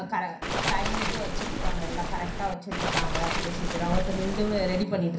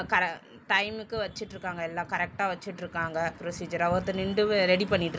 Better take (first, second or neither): second